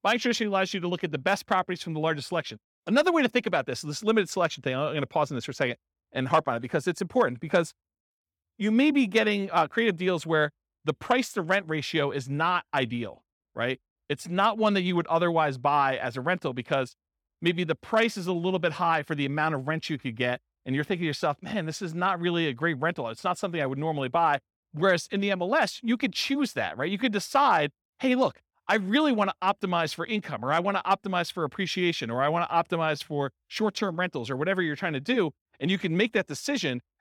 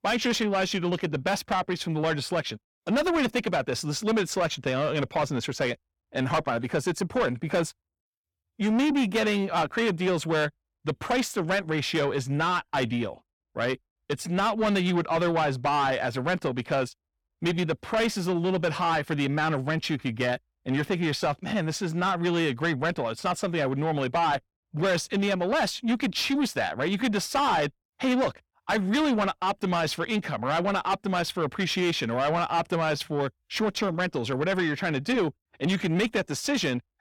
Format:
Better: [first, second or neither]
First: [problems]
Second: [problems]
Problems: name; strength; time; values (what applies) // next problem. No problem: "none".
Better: first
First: none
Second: distortion; heavy; 8 dB below the speech